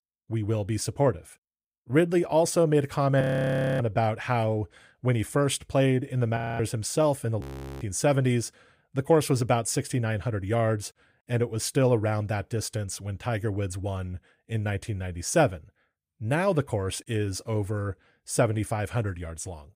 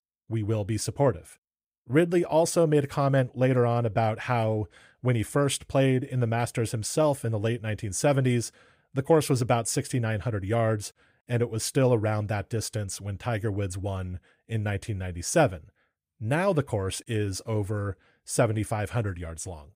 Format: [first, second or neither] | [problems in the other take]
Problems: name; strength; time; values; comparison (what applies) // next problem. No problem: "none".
second | audio freezing; at 3 s for 0.5 s, at 6.5 s and at 7.5 s